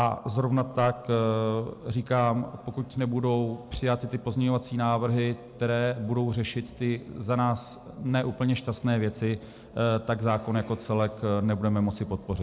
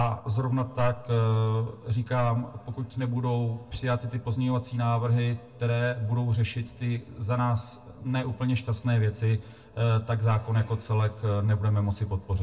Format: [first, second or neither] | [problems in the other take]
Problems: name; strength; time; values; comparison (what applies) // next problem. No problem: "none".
first | room echo; dies away in 0.2 s